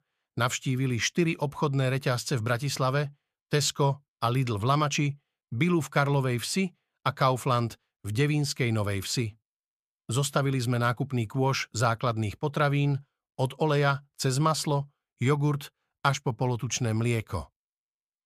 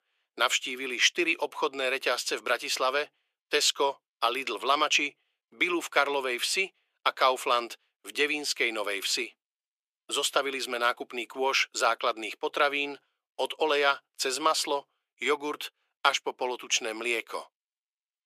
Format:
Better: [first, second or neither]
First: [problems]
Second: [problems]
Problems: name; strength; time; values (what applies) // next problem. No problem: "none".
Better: first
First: none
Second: thin; very; fading below 350 Hz